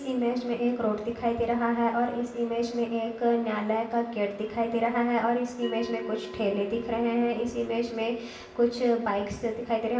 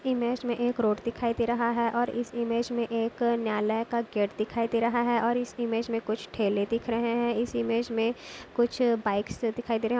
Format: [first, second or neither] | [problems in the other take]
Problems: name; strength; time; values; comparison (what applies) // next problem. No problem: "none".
second | background sound (Bell); 19 dB below the speech // room echo; dies away in 0.8 s